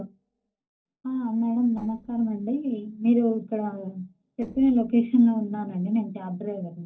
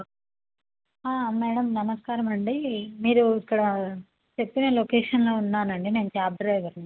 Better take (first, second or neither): second